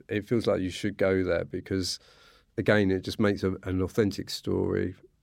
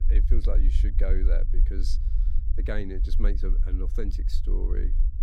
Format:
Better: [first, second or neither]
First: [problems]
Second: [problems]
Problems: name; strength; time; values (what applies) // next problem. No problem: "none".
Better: first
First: none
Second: low rumble; loud; throughout; 10 dB below the speech